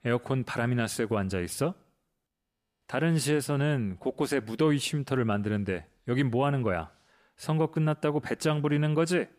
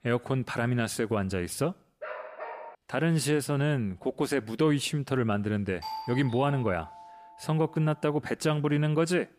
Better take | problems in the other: first | dog barking; faint; at 2 s; peak 10 dB below the speech // doorbell; noticeable; from 6 to 7.5 s; peak 9 dB below the speech

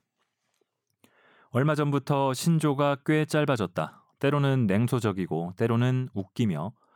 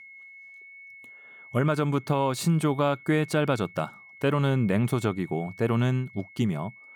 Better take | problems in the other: first | high-pitched whine; noticeable; throughout; 2 kHz, 20 dB below the speech

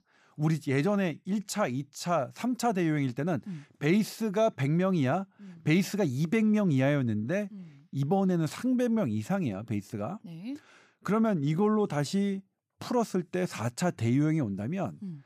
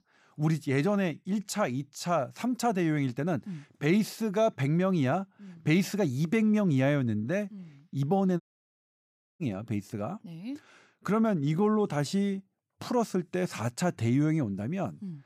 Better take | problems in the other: first | audio cutting out; at 8.5 s for 1 s

